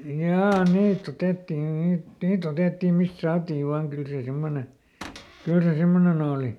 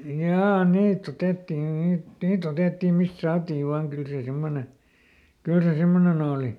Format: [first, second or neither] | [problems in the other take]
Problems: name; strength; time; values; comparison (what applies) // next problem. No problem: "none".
second | background sound (Cupboard open or close / Door); 19 dB below the speech